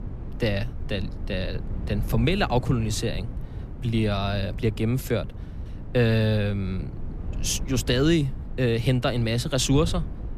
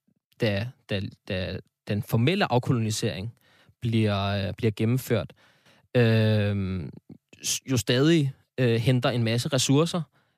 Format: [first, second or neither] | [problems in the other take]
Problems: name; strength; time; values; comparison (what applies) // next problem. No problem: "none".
second | wind noise on the microphone; occasional gusts; 20 dB below the speech